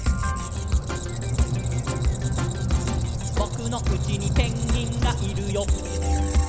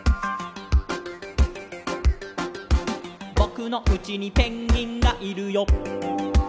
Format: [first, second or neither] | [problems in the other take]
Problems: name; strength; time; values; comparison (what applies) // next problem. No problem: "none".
second | background sound (Squeak); 1 dB above the speech